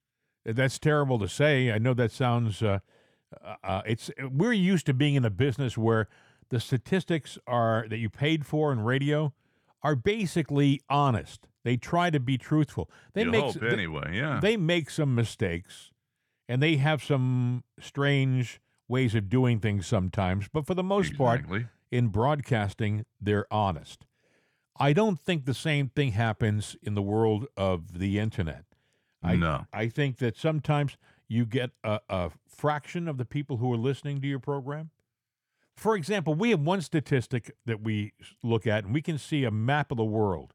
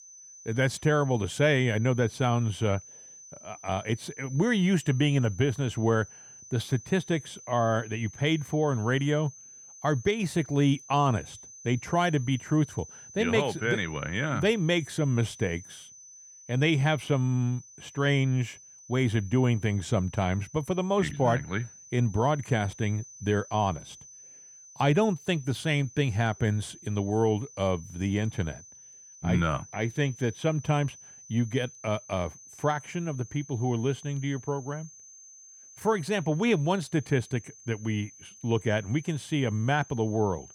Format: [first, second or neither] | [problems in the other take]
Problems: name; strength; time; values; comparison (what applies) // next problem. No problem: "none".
first | high-pitched whine; noticeable; throughout; 6 kHz, 20 dB below the speech